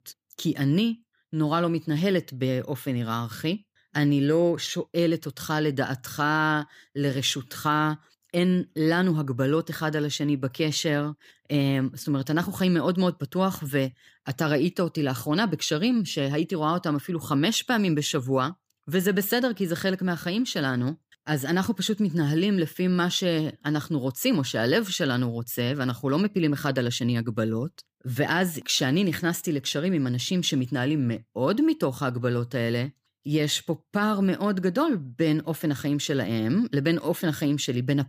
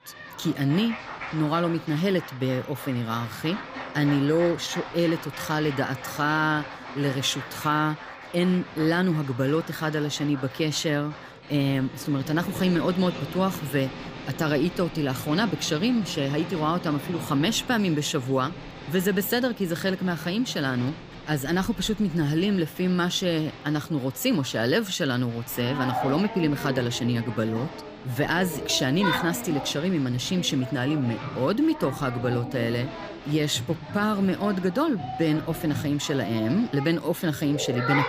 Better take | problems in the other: first | crowd noise; noticeable; throughout; 10 dB below the speech

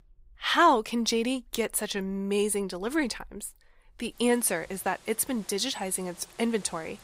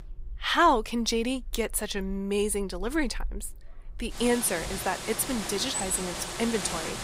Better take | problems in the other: first | animal sounds; loud; throughout; 8 dB below the speech; faint in the first

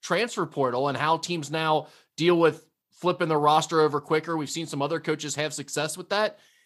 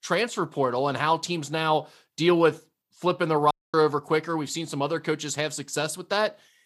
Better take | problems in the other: first | audio cutting out; at 3.5 s

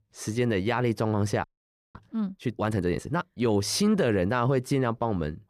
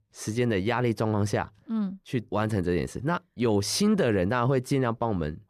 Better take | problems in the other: second | audio freezing; at 1.5 s for 0.5 s

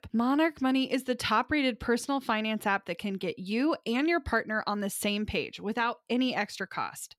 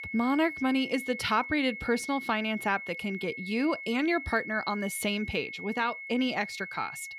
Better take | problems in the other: first | high-pitched whine; loud; throughout; 2 kHz, 9 dB below the speech

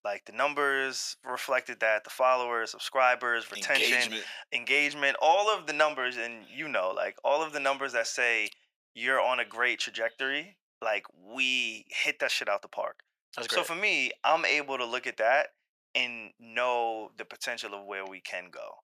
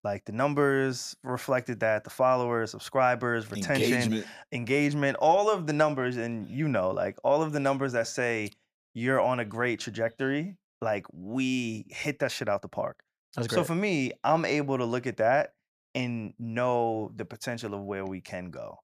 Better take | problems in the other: second | thin; very; fading below 600 Hz

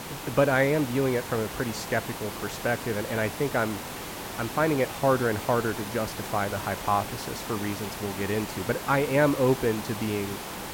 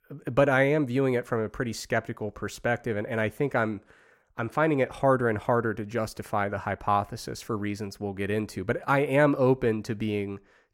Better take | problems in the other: second | hiss; loud; throughout; 8 dB below the speech

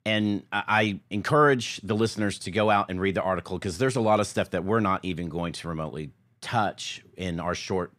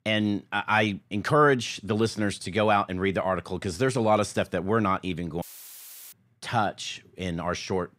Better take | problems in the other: first | audio cutting out; filled with static; at 5.5 s for 0.5 s

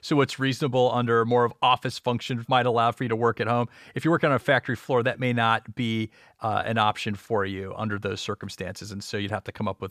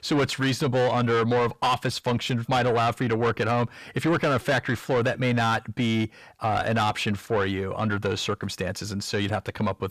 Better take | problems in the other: first | distortion; heavy; 8 dB below the speech

